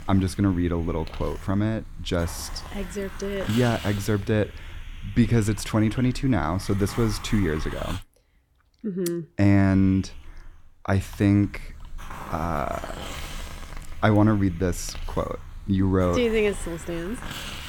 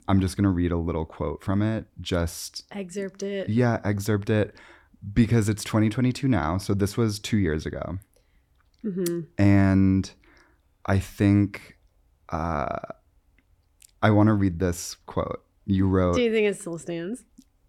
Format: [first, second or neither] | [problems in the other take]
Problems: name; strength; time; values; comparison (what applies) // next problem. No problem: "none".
second | hiss; noticeable; until 8 s and from 9.5 s on; 15 dB below the speech